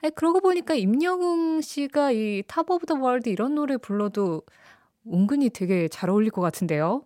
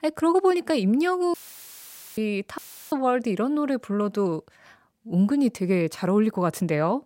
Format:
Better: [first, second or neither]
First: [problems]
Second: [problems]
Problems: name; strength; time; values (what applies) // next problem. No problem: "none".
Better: first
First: none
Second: audio cutting out; filled with static; at 1.5 s for 1 s and at 2.5 s